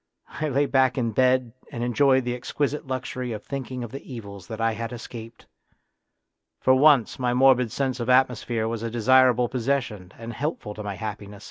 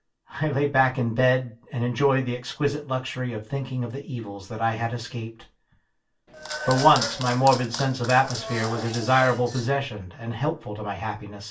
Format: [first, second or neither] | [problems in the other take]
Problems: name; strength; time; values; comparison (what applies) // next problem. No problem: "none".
first | background sound (Applause / Clapping); 8 dB below the speech // room echo; dies away in 0.2 s